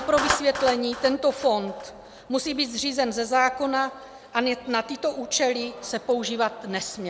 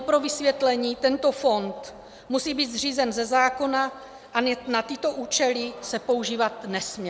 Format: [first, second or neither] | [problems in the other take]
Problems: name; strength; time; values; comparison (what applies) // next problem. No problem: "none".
second | background sound (Clapping); 12 dB below the speech